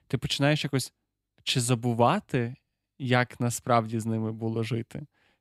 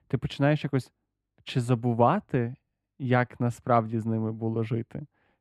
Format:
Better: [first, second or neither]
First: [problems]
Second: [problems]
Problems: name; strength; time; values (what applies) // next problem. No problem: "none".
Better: first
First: none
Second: muffled; very; fading above 2.5 kHz